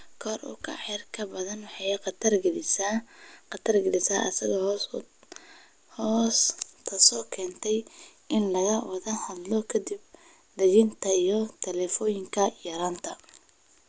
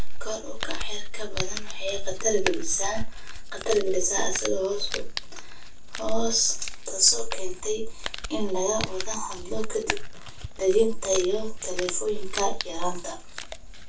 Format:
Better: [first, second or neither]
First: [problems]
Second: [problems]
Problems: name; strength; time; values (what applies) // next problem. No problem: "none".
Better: first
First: none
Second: background sound (Crumpling, crinkling); 15 dB below the speech // room echo; dies away in 0.2 s